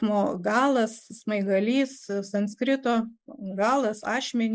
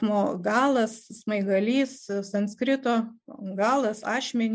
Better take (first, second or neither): second